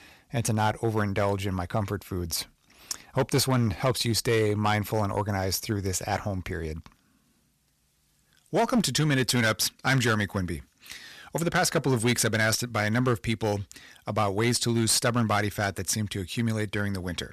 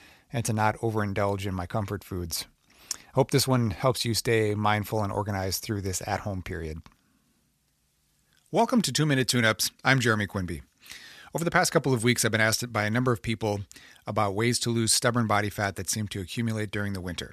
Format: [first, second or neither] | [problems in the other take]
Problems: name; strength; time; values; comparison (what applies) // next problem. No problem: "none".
second | distortion; slight; 5% of the sound clipped